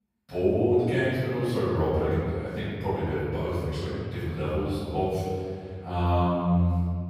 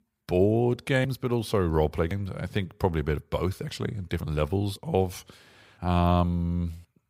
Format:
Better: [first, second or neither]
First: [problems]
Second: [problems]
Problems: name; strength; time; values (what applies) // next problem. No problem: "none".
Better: second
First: off-mic speech; far // room echo; strong; dies away in 2.2 s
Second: none